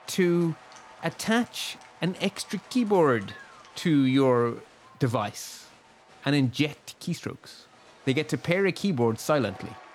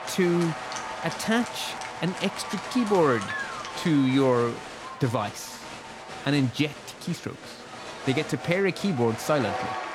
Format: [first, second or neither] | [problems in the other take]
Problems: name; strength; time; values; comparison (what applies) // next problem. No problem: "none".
first | crowd noise; loud; throughout; 9 dB below the speech; faint in the first